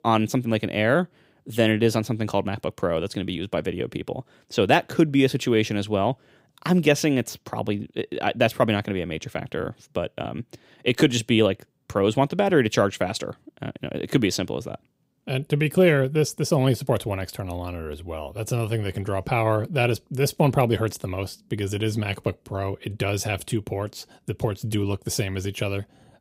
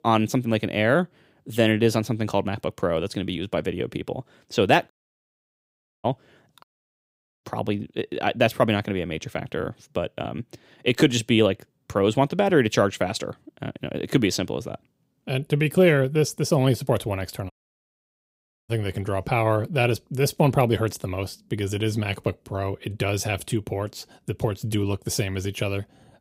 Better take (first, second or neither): first